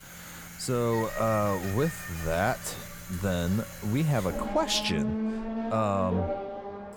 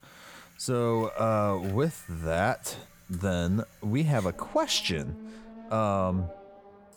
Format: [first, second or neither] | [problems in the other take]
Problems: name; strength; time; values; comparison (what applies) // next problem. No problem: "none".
second | traffic noise; loud; throughout; 7 dB below the speech; faint in the second